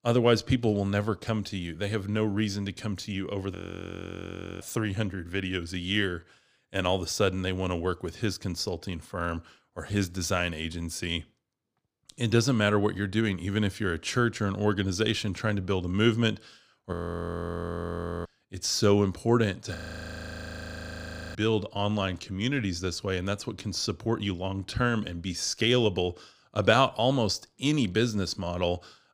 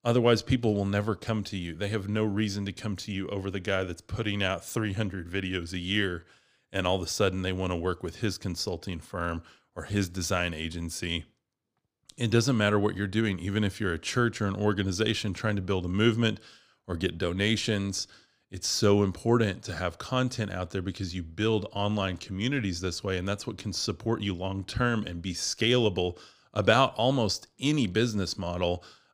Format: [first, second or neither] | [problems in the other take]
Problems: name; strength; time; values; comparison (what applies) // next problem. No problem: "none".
second | audio freezing; at 3.5 s for 1 s, at 17 s for 1.5 s and at 20 s for 1.5 s